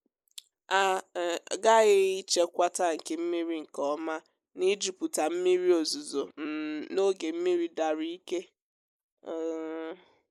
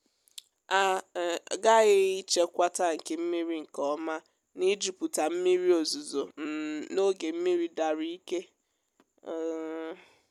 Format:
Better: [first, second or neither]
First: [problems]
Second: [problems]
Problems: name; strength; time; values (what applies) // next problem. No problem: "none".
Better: second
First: noise reduction (neural mask model Resemble Enhance denoiser)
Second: none